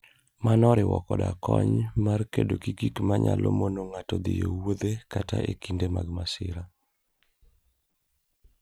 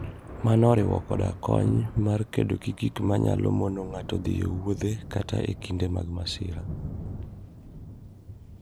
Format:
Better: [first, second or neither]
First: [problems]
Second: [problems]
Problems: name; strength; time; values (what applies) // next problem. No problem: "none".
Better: first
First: none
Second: background sound (Thunder); 12 dB below the speech